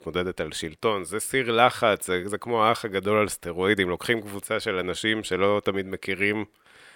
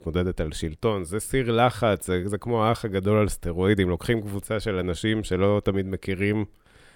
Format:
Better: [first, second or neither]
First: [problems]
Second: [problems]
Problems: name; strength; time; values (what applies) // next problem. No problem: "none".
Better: second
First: thin; somewhat; fading below 450 Hz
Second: none